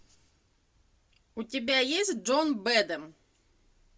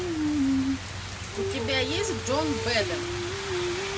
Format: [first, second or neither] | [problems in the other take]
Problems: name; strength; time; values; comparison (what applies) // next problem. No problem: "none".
first | background sound (Rain); 4 dB above the speech